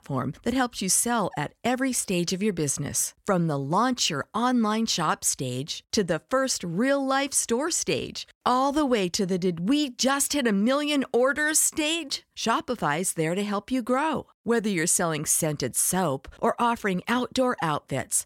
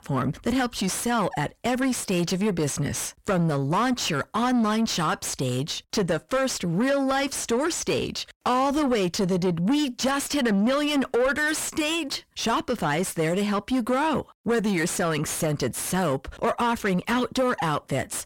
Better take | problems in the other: first | distortion; heavy; 7 dB below the speech

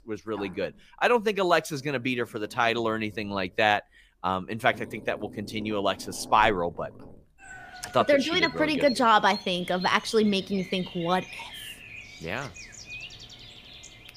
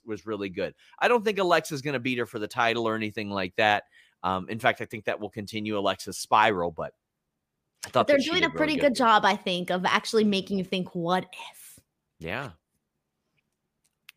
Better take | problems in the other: second | animal sounds; noticeable; throughout; 15 dB below the speech

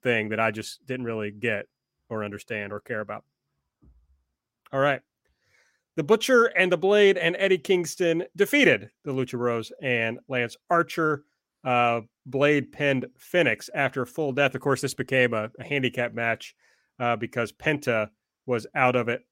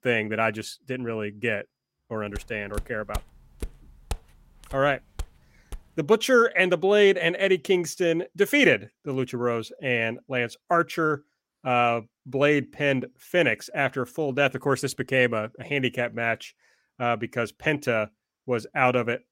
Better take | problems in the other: first | footsteps; faint; from 2.5 to 6 s; peak 15 dB below the speech

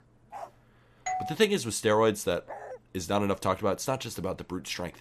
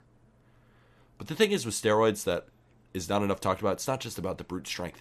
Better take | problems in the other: second | dog barking; faint; at 0.5 s and at 2.5 s; peak 15 dB below the speech // doorbell; noticeable; at 1 s; peak 5 dB below the speech

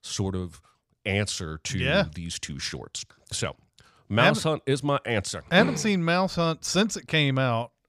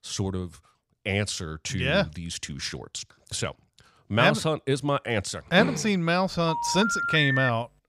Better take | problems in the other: first | phone ringing; loud; from 6.5 s on; peak 1 dB above the speech

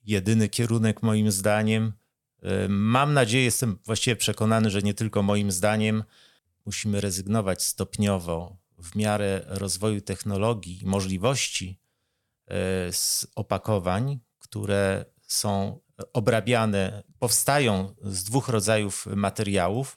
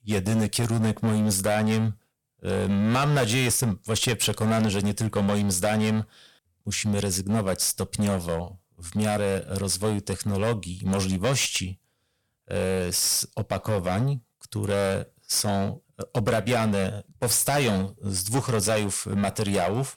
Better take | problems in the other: first | distortion; heavy; 12% of the sound clipped

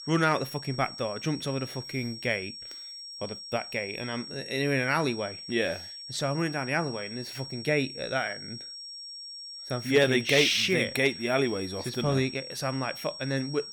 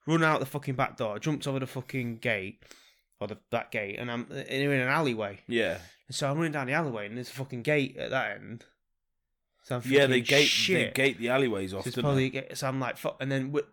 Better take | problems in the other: second | high-pitched whine; noticeable; throughout; 5.5 kHz, 10 dB below the speech

